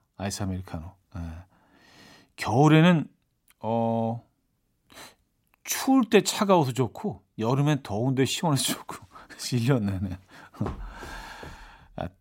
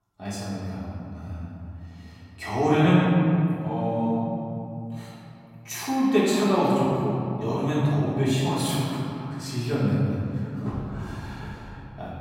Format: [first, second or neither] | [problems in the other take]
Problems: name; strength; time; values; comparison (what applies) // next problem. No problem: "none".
first | room echo; strong; dies away in 3 s // off-mic speech; far